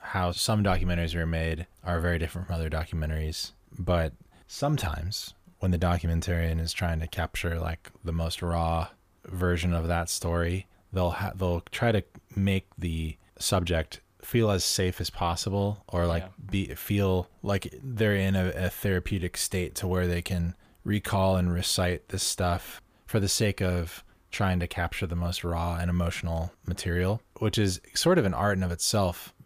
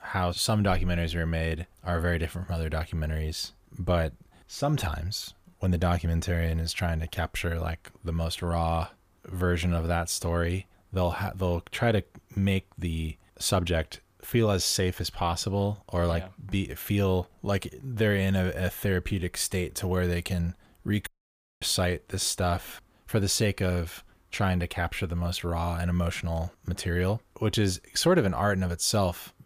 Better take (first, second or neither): first